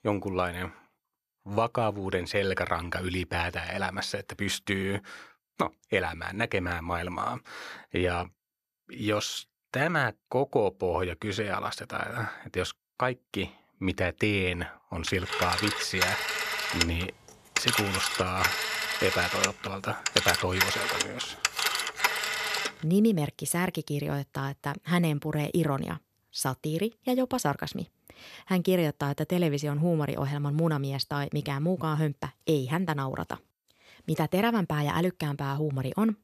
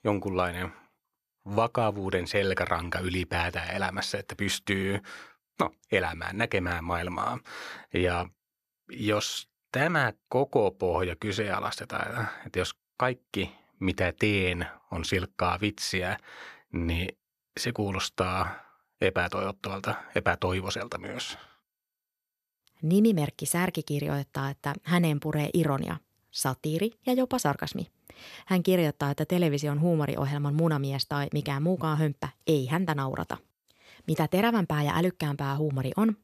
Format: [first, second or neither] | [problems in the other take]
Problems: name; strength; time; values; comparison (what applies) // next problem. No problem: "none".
second | phone ringing; loud; from 15 to 23 s; peak 5 dB above the speech